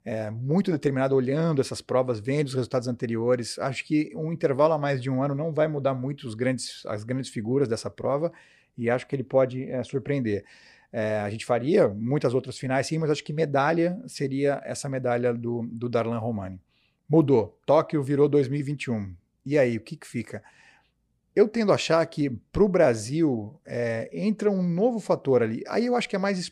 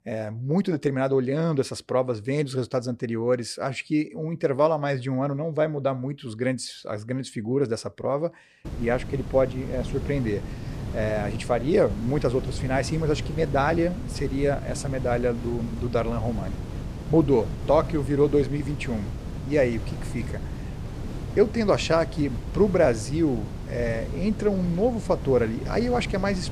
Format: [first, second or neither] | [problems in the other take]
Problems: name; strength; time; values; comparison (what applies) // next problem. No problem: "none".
first | wind noise on the microphone; occasional gusts; from 8.5 s on; 15 dB below the speech